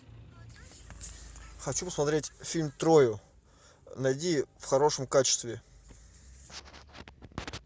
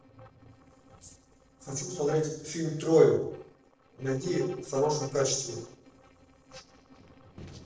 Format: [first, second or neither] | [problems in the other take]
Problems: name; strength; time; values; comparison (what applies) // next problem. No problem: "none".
first | noise reduction (neural separator model SepFormer DNS4)